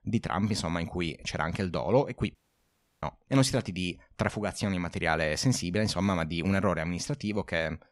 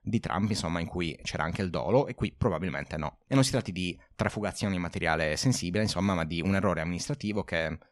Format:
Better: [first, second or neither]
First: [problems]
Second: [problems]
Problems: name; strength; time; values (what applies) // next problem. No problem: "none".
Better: second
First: audio cutting out; at 2.5 s for 0.5 s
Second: none